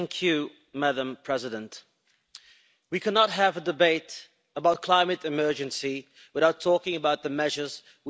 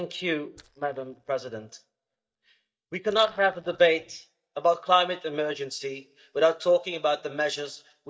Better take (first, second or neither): first